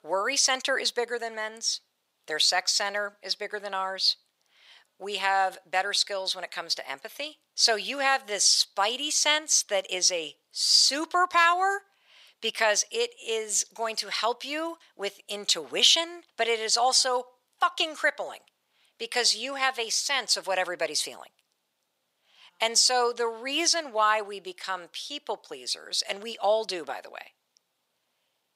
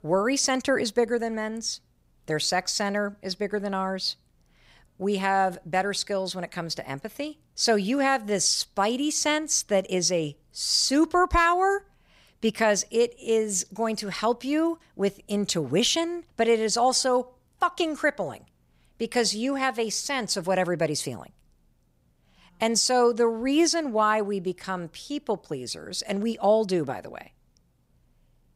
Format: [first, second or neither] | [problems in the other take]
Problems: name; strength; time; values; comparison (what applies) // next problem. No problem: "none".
second | thin; very; fading below 650 Hz